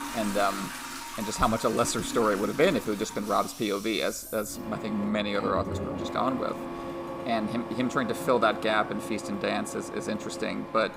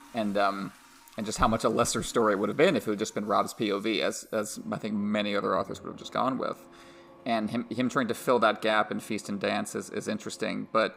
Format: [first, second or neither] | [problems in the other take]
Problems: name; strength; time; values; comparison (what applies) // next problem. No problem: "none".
second | household noises; loud; throughout; 8 dB below the speech; faint in the second